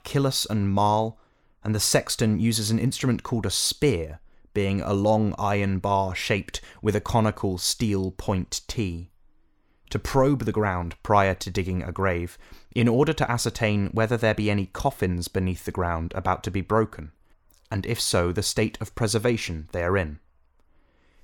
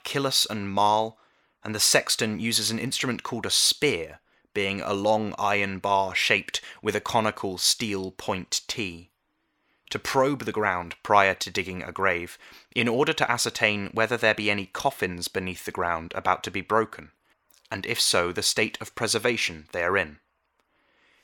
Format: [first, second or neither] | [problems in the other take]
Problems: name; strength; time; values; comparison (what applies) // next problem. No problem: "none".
first | thin; somewhat; fading below 950 Hz